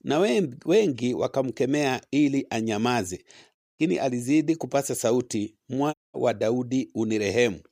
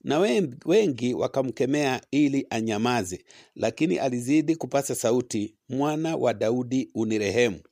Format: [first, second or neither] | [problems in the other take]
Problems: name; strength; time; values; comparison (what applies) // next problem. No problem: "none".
second | audio cutting out; at 3.5 s and at 6 s